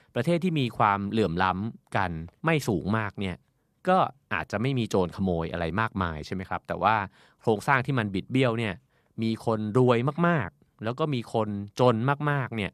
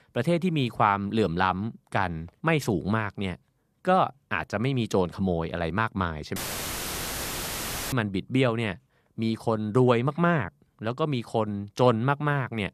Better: first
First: none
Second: audio cutting out; filled with static; at 6.5 s for 1.5 s

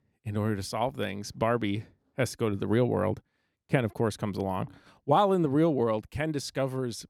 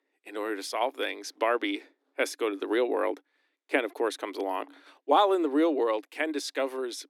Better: first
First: none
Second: thin; somewhat; fading below 300 Hz

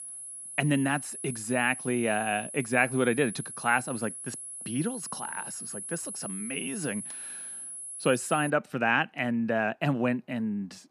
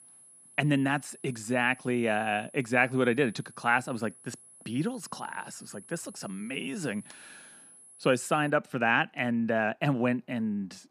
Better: second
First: high-pitched whine; loud; until 8.5 s; 10.5 kHz, 8 dB below the speech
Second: high-pitched whine; faint; until 8.5 s; 10.5 kHz, 20 dB below the speech

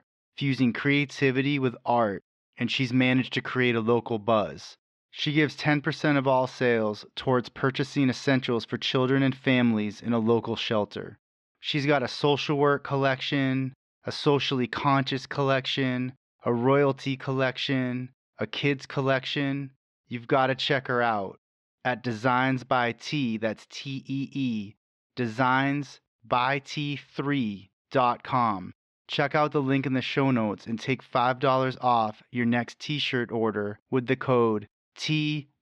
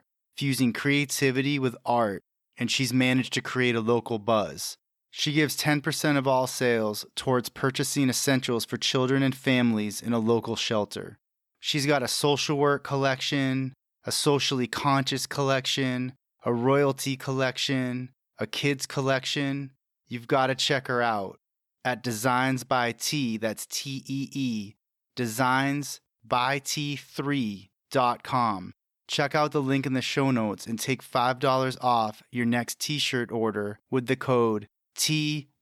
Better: second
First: muffled; slightly; fading above 3.5 kHz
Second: none

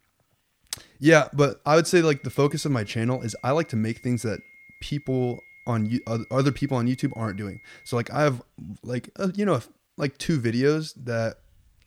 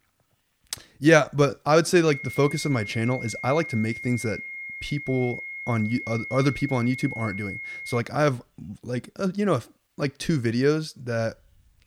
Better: first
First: high-pitched whine; faint; from 2 to 8 s; 2 kHz, 25 dB below the speech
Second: high-pitched whine; loud; from 2 to 8 s; 2 kHz, 9 dB below the speech

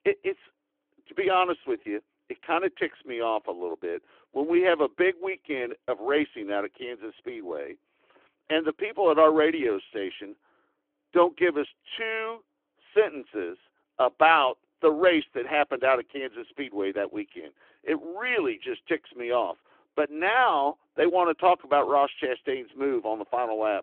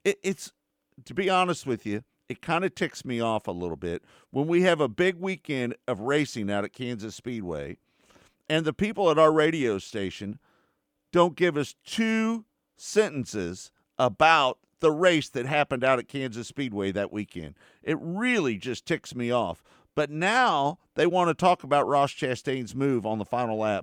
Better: second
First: phone-call audio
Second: none

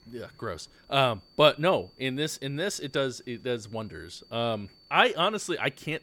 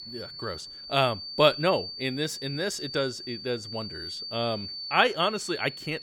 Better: first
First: high-pitched whine; faint; throughout; 4.5 kHz, 30 dB below the speech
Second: high-pitched whine; loud; throughout; 4.5 kHz, 9 dB below the speech

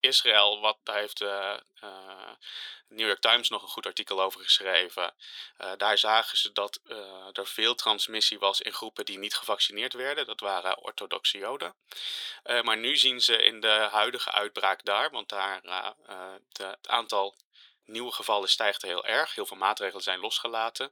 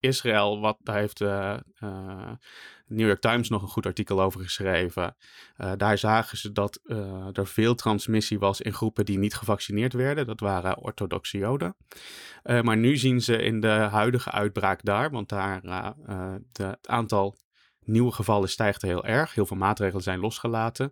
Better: second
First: thin; very; fading below 550 Hz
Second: none

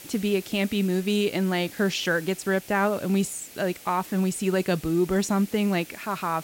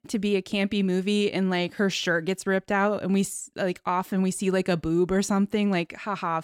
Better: second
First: hiss; noticeable; throughout; 15 dB below the speech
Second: none

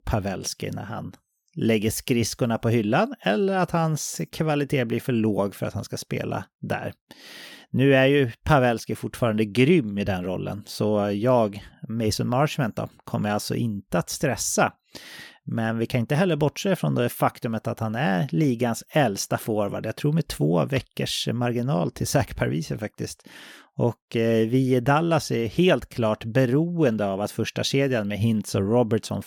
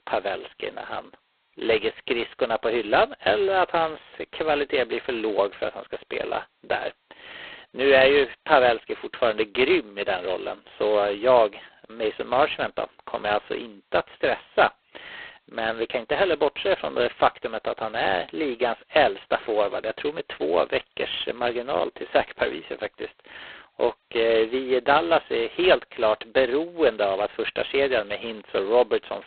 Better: first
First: none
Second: phone-call audio; poor line; nothing above 4 kHz

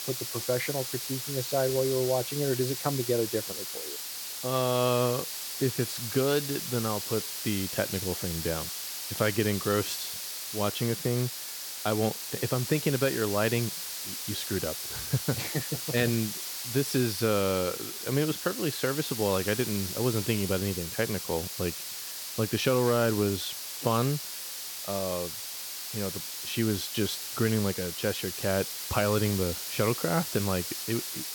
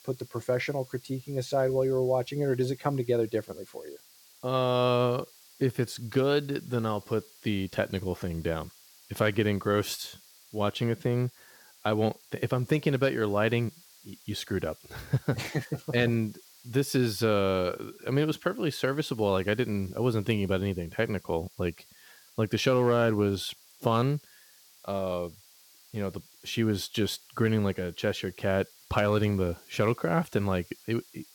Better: second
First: hiss; loud; throughout; 4 dB below the speech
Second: hiss; faint; throughout; 25 dB below the speech

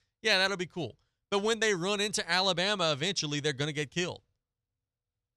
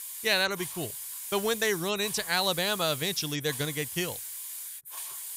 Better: first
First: none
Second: hiss; loud; throughout; 8 dB below the speech

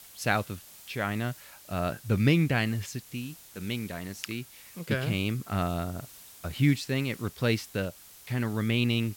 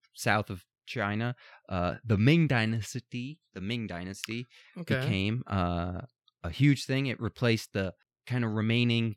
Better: second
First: hiss; noticeable; throughout; 20 dB below the speech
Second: none

